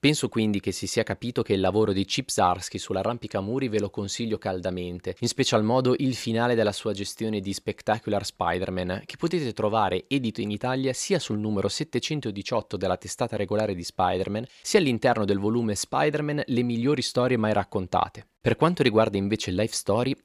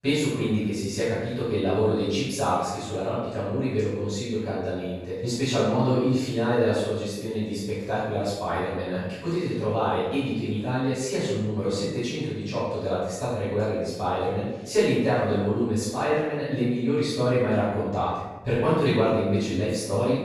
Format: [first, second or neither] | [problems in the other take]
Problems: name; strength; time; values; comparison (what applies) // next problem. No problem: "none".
first | off-mic speech; far // room echo; strong; dies away in 0.9 s